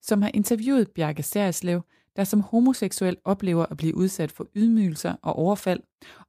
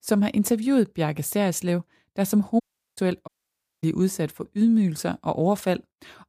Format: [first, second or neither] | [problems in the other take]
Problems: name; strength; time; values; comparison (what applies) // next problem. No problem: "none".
first | audio cutting out; at 2.5 s and at 3.5 s for 0.5 s